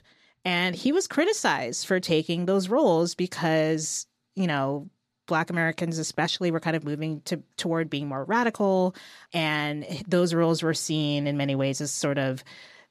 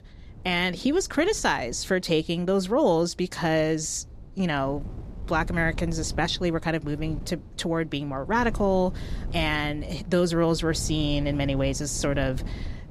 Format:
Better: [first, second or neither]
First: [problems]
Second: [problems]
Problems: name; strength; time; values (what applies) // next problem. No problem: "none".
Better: first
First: none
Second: wind noise on the microphone; occasional gusts; 20 dB below the speech